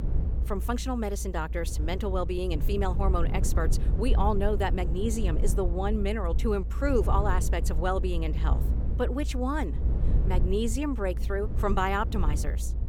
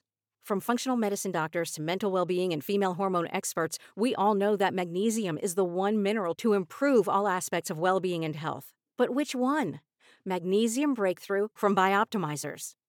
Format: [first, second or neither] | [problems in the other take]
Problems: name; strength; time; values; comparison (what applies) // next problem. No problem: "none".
second | low rumble; noticeable; throughout; 15 dB below the speech